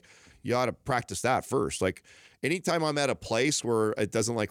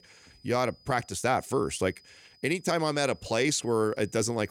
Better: first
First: none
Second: high-pitched whine; faint; throughout; 5 kHz, 30 dB below the speech

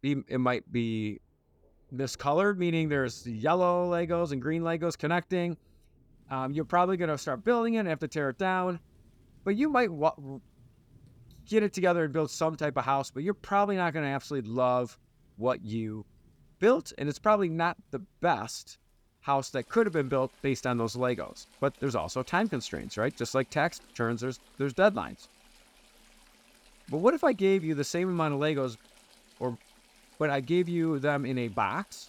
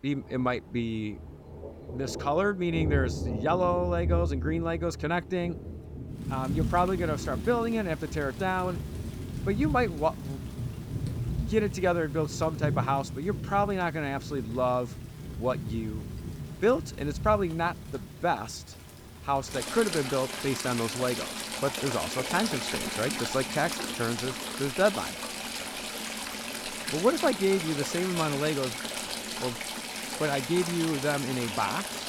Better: first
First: rain or running water; faint; throughout; 30 dB below the speech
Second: rain or running water; loud; throughout; 5 dB below the speech

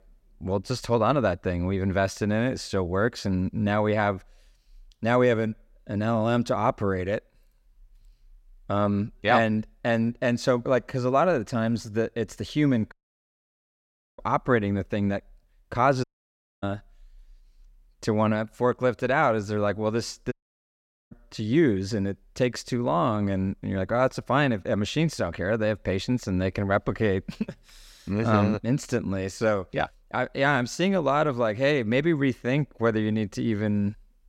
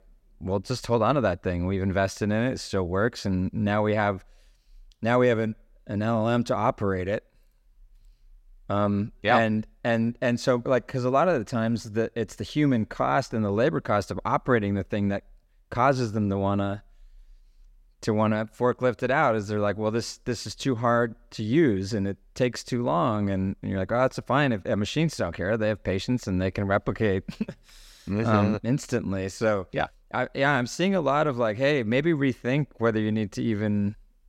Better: second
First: audio cutting out; at 13 s for 1.5 s, at 16 s for 0.5 s and at 20 s for 1 s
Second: none

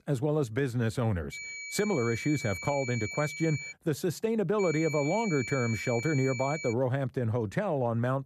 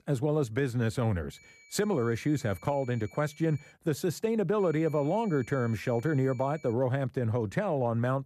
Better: second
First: high-pitched whine; loud; from 1.5 to 3.5 s and from 4.5 to 6.5 s; 2.5 kHz, 7 dB below the speech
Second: high-pitched whine; faint; from 1.5 to 3.5 s and from 4.5 to 6.5 s; 2.5 kHz, 25 dB below the speech

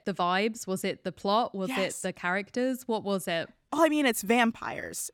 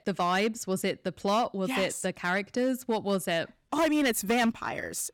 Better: first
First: none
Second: distortion; slight; 6% of the sound clipped

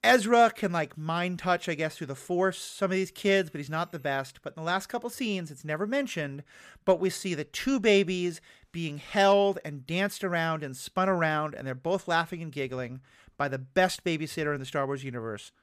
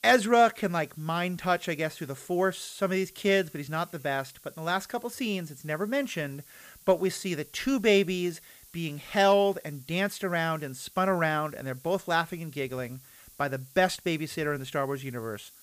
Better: first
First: none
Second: hiss; faint; throughout; 25 dB below the speech

